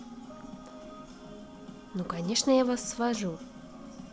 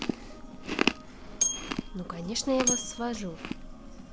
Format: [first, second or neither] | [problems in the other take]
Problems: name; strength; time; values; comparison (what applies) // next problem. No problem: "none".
first | background sound (Chewing, mastication + Bell); 2 dB above the speech